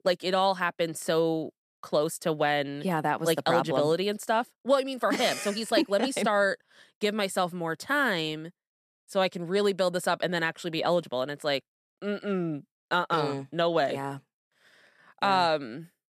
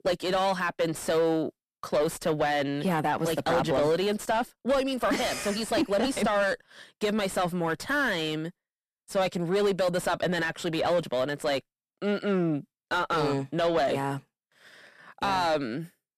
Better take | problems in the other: first | distortion; heavy; 7 dB below the speech

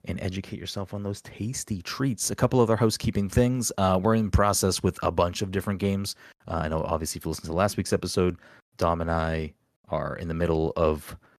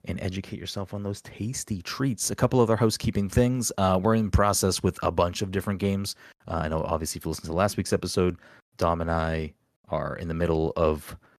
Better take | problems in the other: neither | none

